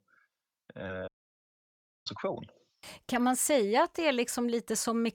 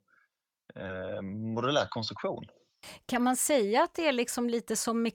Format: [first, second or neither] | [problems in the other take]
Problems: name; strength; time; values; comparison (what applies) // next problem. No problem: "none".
second | audio cutting out; at 1 s for 1 s